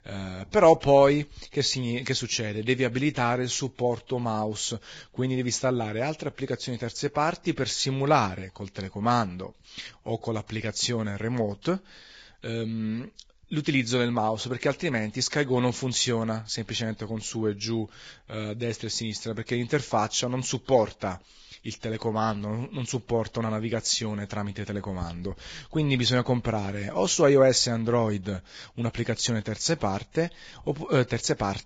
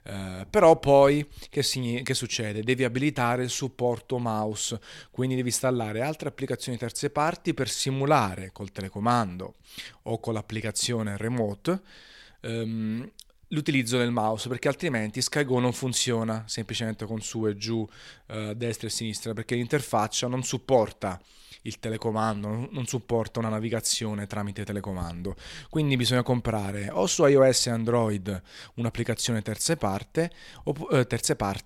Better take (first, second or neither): second